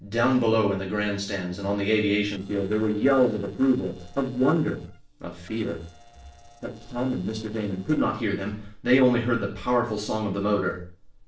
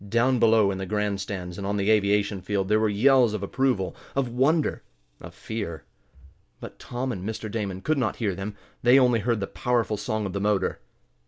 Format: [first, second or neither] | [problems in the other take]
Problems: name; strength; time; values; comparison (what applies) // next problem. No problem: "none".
second | noise reduction (neural separator model SepFormer DNS4)